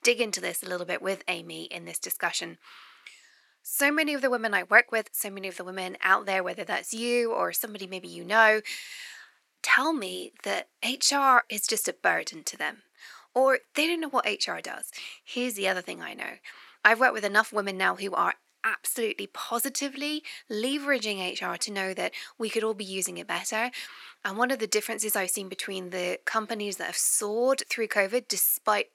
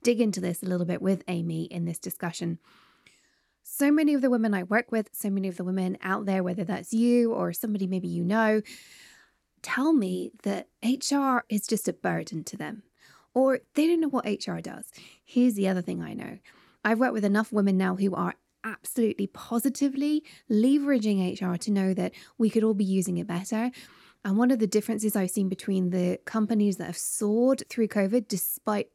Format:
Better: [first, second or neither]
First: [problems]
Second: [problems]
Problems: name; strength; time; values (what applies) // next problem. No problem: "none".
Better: second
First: thin; very; fading below 650 Hz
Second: none